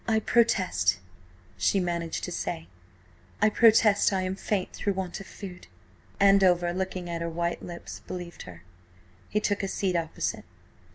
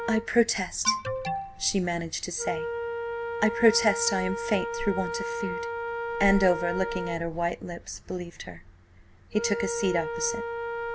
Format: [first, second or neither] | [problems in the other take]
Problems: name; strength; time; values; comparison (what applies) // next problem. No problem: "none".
first | background sound (Wind instrument, woodwind instrument + Alarm); 5 dB below the speech